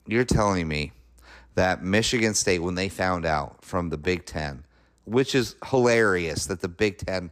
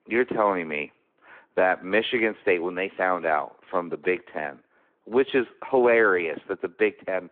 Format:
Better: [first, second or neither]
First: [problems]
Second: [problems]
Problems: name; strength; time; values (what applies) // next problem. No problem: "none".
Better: first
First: none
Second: phone-call audio